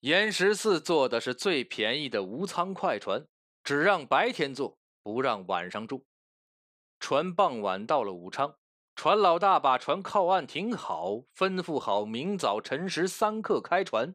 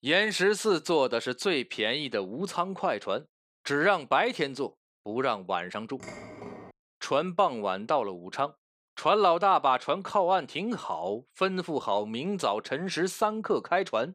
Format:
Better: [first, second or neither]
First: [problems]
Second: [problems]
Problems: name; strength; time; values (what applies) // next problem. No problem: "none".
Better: first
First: none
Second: clattering dishes; faint; at 6 s; peak 15 dB below the speech